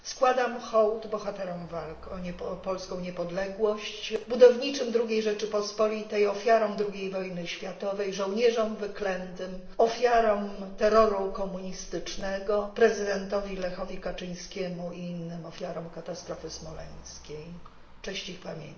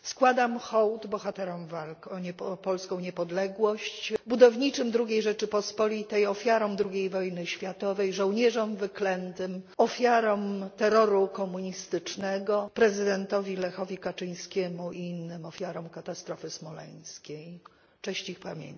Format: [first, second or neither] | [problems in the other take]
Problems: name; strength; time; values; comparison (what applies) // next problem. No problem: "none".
second | background sound (Motor vehicle (road)); 16 dB below the speech // room echo; dies away in 1.9 s